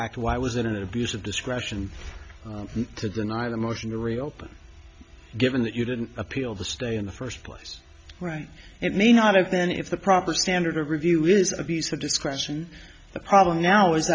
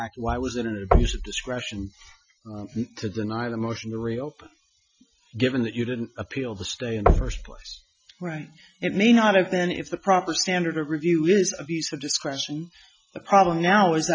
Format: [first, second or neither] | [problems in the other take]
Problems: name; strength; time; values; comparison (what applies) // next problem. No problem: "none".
first | noise reduction (classical method Wiener filter)